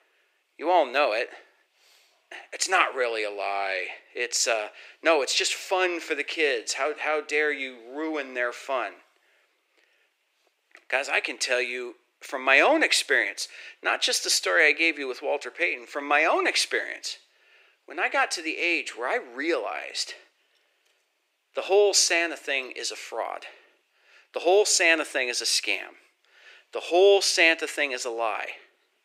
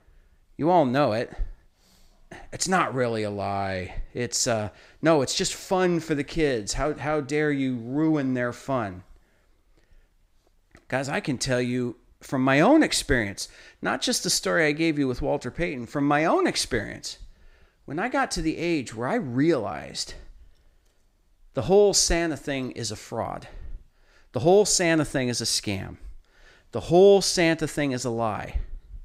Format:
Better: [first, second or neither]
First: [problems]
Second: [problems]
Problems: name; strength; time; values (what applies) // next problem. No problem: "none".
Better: second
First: thin; very; fading below 350 Hz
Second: none